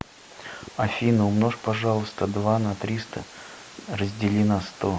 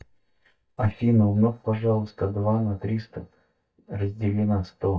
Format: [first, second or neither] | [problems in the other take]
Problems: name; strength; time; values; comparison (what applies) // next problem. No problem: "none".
first | noise reduction (neural mask model DeepFilterNet 3)